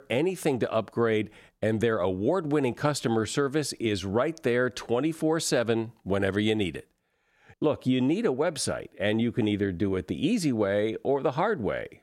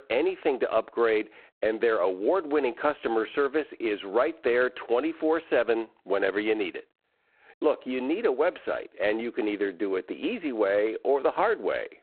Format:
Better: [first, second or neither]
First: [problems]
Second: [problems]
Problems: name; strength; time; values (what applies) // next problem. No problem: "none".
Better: first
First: none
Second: phone-call audio; poor line; nothing above 4 kHz